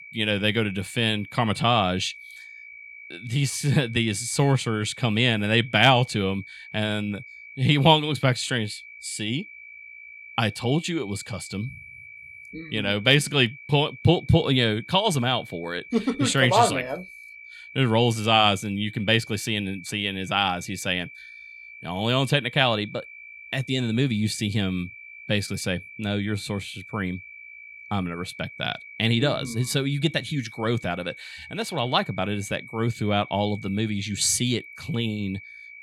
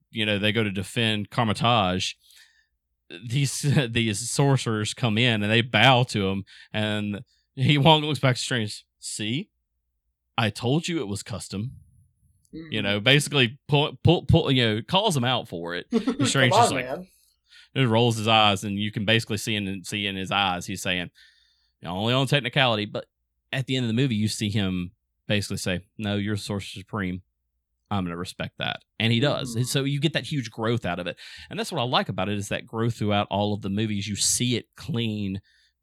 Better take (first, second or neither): second